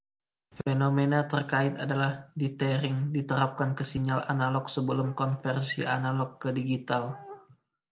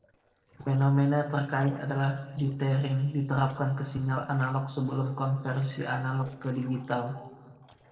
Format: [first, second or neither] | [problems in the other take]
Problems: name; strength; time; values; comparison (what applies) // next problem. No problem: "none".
first | noise reduction (neural separator model SepFormer DNS4)